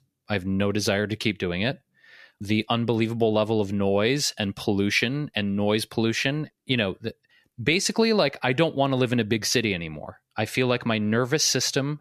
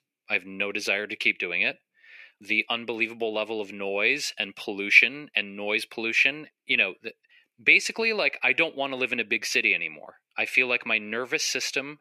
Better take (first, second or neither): first